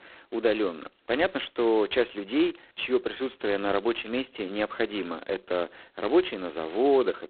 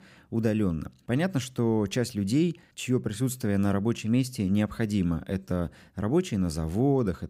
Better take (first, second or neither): second